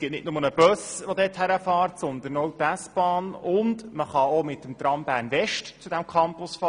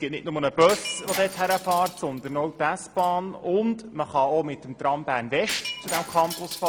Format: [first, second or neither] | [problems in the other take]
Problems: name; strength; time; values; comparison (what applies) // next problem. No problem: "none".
first | background sound (Shatter); 13 dB below the speech